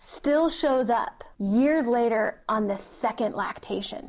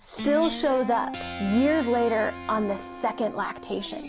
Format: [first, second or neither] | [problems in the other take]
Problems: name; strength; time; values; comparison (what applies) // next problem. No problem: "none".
first | background sound (Guitar); 11 dB below the speech